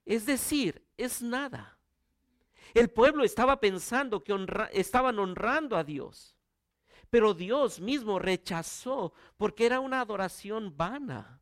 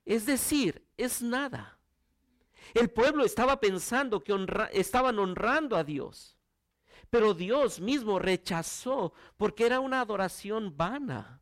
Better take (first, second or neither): first